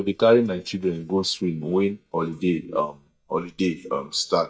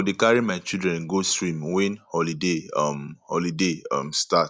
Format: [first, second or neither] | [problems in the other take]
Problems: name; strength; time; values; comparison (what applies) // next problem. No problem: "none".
second | noise reduction (neural mask model DeepFilterNet 3)